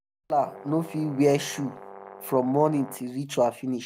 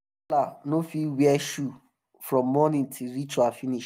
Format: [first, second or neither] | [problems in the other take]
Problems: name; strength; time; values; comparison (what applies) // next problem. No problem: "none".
second | background sound (Brass instrument); 18 dB below the speech